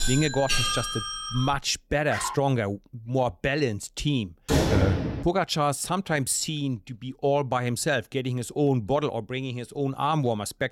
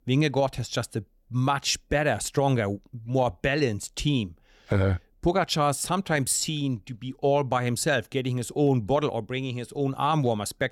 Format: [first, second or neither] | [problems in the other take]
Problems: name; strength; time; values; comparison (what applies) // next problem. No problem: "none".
second | doorbell; loud; until 1.5 s; peak 3 dB above the speech // dog barking; noticeable; at 2 s; peak 6 dB below the speech // door banging; loud; at 4.5 s; peak 3 dB above the speech